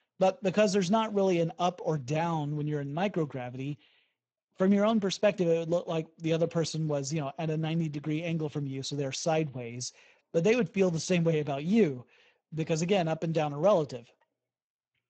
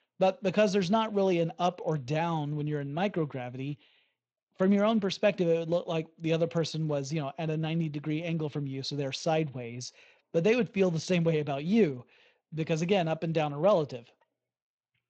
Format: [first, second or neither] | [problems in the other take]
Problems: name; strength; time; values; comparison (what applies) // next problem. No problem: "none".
second | garbled, watery; badly; nothing above 7.5 kHz; slightly in the second